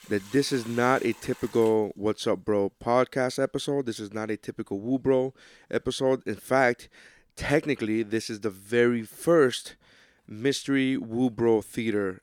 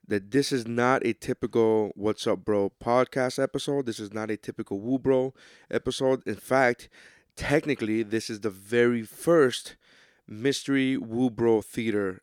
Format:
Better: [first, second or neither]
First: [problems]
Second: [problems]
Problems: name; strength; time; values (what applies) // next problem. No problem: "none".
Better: second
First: household noises; noticeable; throughout; 20 dB below the speech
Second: none